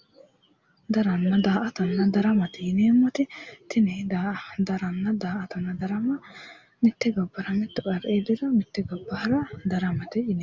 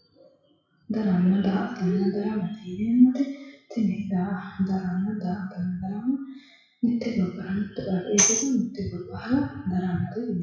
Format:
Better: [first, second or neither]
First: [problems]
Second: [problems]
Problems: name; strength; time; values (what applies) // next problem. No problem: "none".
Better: first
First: none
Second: noise reduction (classical method WPE with log-MMSE)